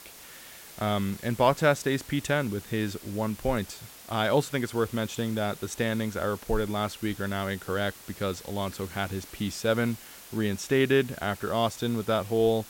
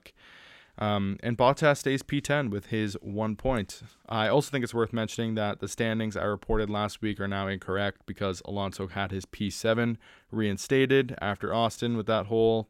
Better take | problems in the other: second | hiss; noticeable; throughout; 15 dB below the speech

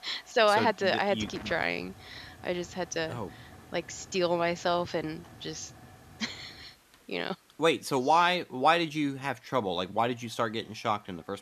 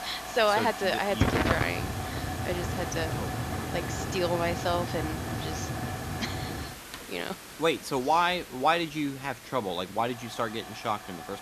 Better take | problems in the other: first | hiss; loud; throughout; 4 dB below the speech; faint in the first

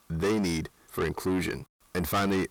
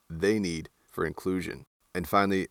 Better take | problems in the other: second | distortion; heavy; 6 dB below the speech

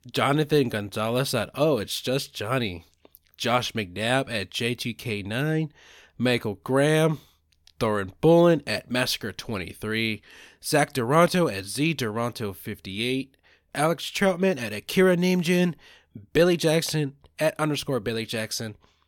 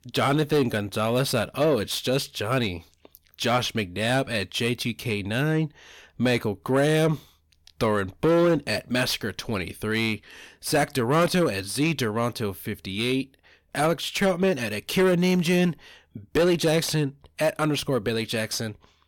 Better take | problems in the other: first | distortion; slight; 10 dB below the speech

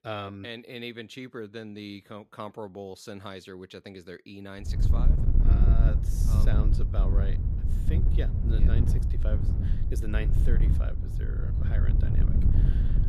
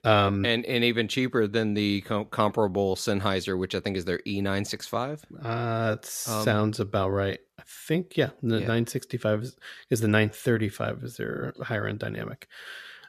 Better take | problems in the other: second | wind noise on the microphone; heavy; from 4.5 s on; 1 dB below the speech

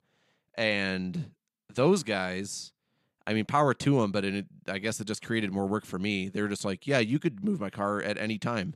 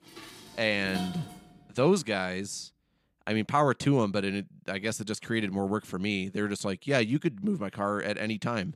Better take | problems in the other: first | clattering dishes; noticeable; until 1.5 s; peak 9 dB below the speech

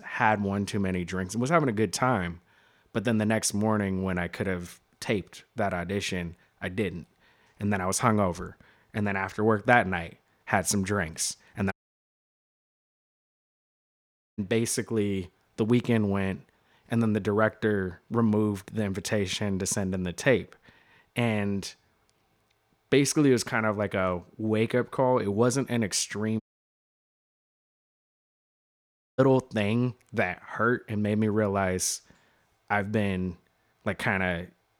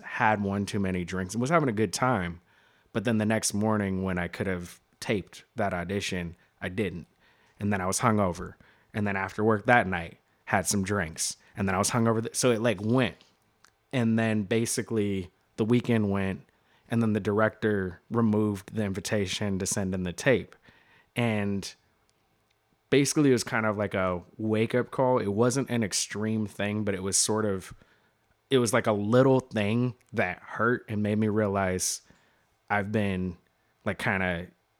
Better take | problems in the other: second | audio cutting out; at 12 s for 2.5 s and at 26 s for 3 s

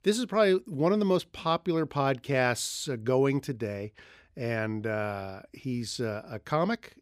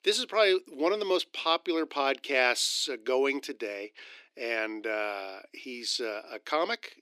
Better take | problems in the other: first | thin; somewhat; fading below 300 Hz

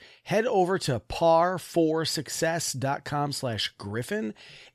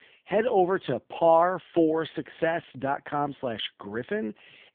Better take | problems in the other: first | phone-call audio; poor line; nothing above 3.5 kHz

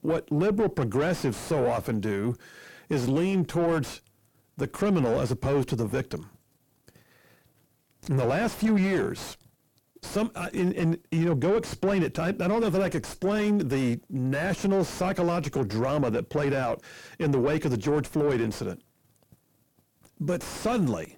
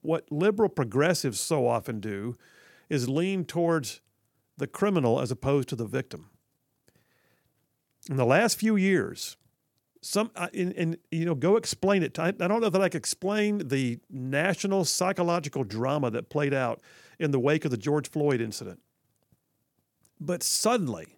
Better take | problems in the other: second | distortion; heavy; 5 dB below the speech

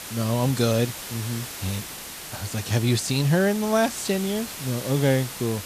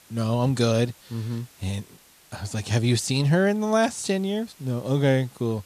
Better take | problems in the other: second | hiss; loud; throughout; 9 dB below the speech; faint in the second

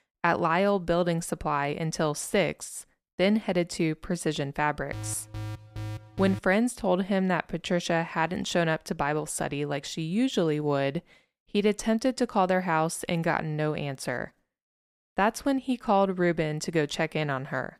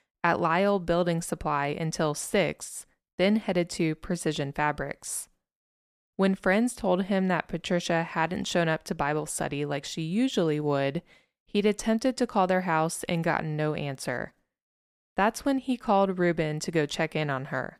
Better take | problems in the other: second | alarm; faint; from 5 to 6.5 s; peak 10 dB below the speech

